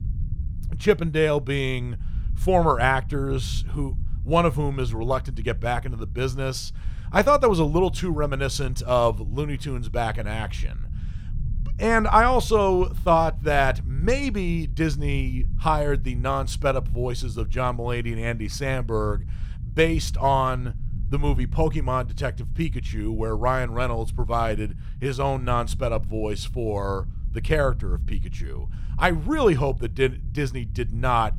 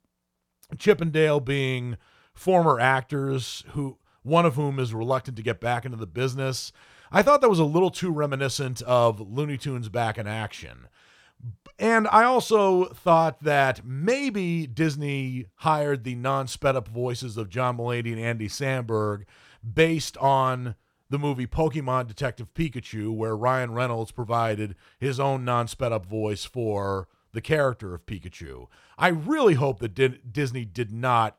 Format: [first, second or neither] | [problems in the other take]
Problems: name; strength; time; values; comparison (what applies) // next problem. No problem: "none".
second | low rumble; faint; throughout; 25 dB below the speech